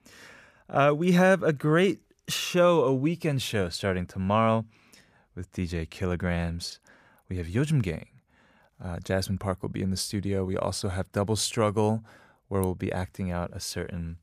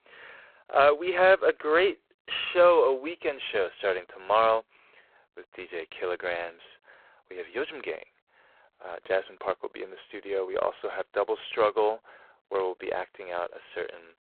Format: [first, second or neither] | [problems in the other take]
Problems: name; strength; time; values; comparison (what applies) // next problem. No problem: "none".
first | phone-call audio; poor line